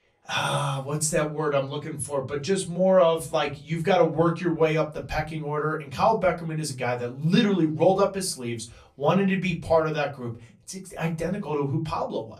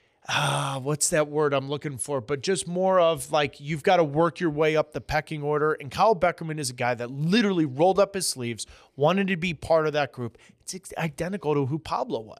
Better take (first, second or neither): second